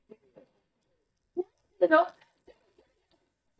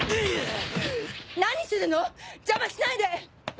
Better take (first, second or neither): second